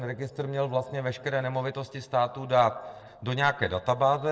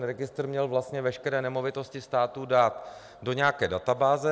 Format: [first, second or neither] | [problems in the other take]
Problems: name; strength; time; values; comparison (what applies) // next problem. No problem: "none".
second | noise reduction (neural separator model SepFormer DNS4)